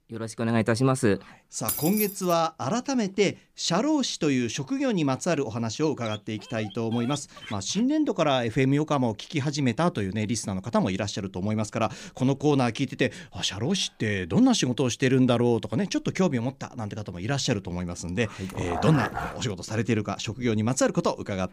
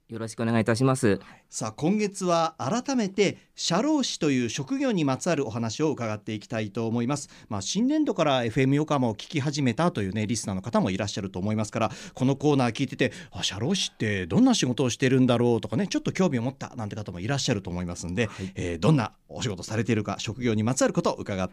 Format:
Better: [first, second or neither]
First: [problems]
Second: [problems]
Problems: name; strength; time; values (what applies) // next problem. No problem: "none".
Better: second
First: jangling keys; noticeable; at 1.5 s; peak 1 dB below the speech // dog barking; faint; from 6 to 8 s; peak 15 dB below the speech // dog barking; noticeable; at 18 s; peak 5 dB below the speech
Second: none